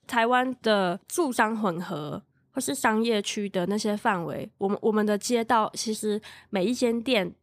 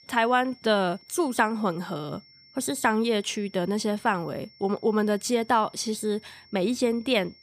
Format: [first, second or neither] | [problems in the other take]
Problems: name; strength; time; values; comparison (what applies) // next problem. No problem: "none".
first | high-pitched whine; faint; throughout; 5.5 kHz, 25 dB below the speech